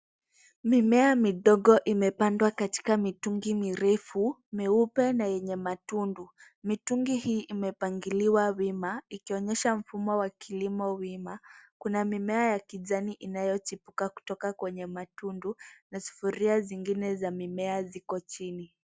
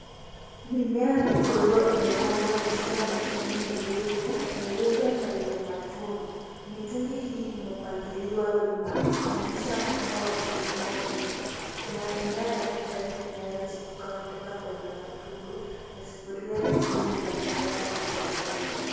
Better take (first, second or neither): first